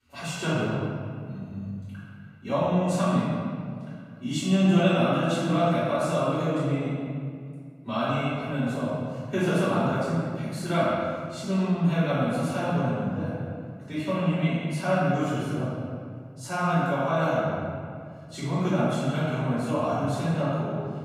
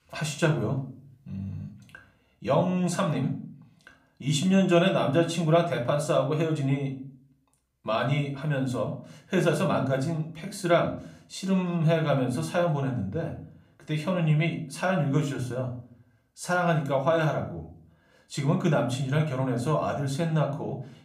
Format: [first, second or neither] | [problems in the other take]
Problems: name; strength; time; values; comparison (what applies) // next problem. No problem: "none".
second | room echo; strong; dies away in 2 s; slight in the second // off-mic speech; far; somewhat distant in the second